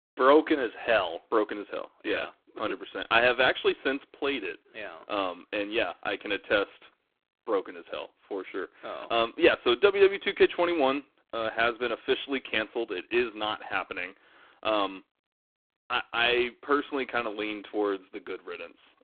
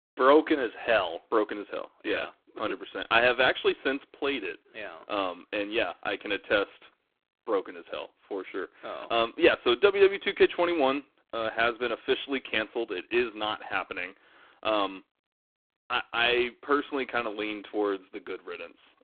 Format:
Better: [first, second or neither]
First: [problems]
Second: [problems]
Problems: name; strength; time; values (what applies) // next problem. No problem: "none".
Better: neither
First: phone-call audio; poor line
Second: phone-call audio; poor line